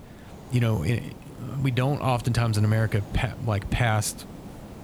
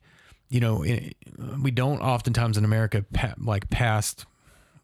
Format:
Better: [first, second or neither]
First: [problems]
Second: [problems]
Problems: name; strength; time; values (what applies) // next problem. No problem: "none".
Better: second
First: hiss; noticeable; throughout; 15 dB below the speech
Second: none